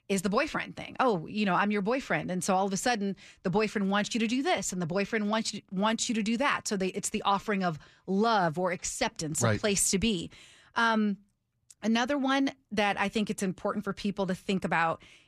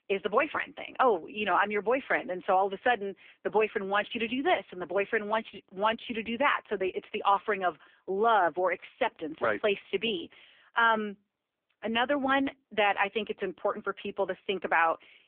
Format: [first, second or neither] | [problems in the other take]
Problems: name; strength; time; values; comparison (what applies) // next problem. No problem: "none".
first | phone-call audio; poor line; nothing above 3.5 kHz